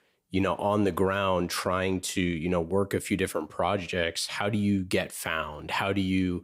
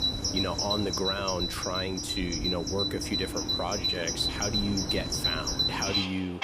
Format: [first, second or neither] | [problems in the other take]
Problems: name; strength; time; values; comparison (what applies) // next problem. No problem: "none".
first | animal sounds; very loud; throughout; 4 dB above the speech